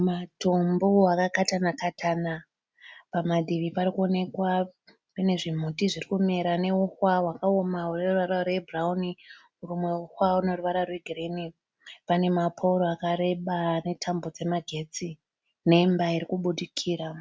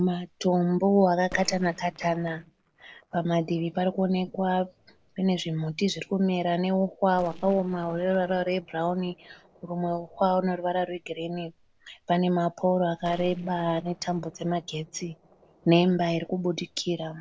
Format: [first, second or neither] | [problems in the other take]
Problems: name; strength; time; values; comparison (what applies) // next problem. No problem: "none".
first | noise reduction (neural separator model SepFormer DNS4)